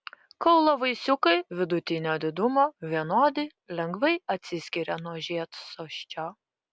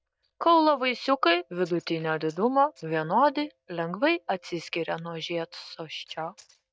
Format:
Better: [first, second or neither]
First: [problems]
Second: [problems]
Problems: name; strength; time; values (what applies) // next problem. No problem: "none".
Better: first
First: none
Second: noise reduction (neural mask model DeepFilterNet 3)